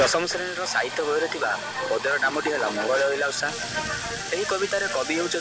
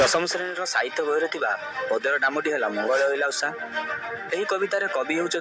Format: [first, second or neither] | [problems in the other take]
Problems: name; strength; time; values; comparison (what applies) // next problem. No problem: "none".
second | background sound (Sink (filling or washing) / Water tap, faucet); 10 dB below the speech